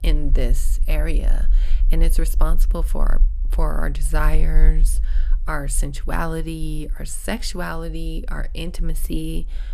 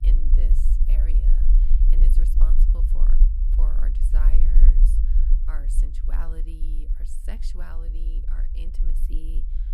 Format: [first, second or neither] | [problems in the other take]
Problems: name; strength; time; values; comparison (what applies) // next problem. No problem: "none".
first | low rumble; loud; throughout; as loud as the speech; faint in the first